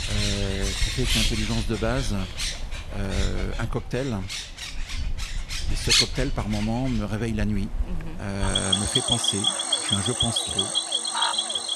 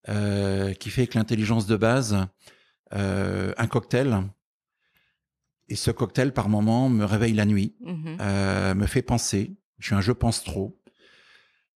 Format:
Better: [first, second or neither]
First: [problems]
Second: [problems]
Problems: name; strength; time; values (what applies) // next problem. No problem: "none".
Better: second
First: animal sounds; very loud; throughout; 4 dB above the speech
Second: none